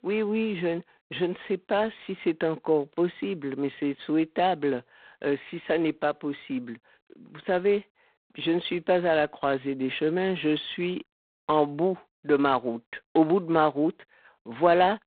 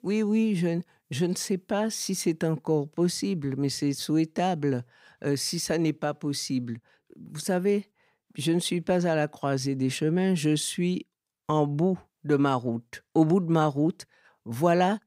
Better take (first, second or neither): second